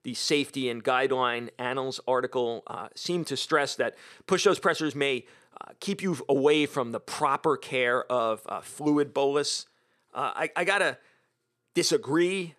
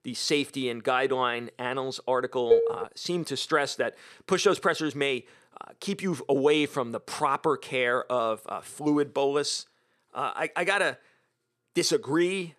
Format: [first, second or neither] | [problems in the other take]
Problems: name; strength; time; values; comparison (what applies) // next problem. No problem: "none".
first | clattering dishes; loud; at 2.5 s; peak 4 dB above the speech